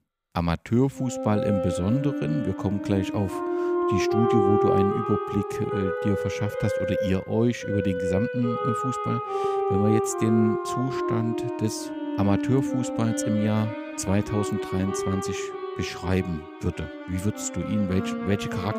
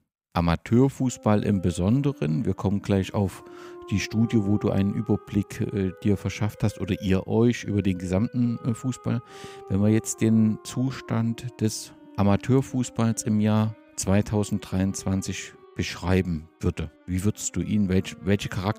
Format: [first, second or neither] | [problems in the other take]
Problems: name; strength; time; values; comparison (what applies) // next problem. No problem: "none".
second | background music; loud; throughout; 1 dB below the speech; faint in the second